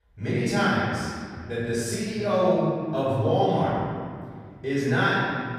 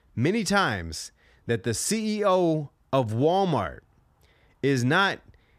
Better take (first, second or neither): second